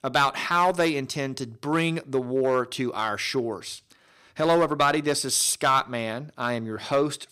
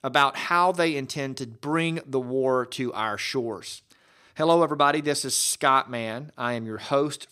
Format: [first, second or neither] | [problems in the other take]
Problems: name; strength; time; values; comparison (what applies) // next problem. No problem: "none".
second | distortion; slight; 2% of the sound clipped